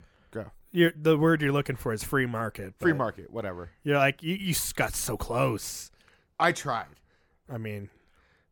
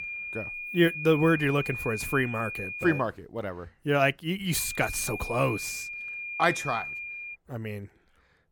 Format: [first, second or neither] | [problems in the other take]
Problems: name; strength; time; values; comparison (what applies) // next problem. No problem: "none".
first | high-pitched whine; loud; until 3 s and from 4.5 to 7.5 s; 2.5 kHz, 7 dB below the speech